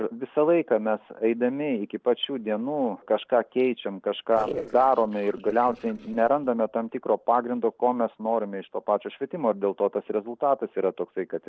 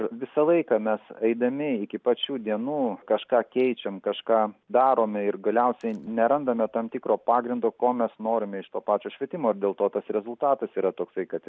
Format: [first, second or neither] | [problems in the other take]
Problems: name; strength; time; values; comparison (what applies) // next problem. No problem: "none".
second | noise reduction (neural separator model SepFormer DNS4)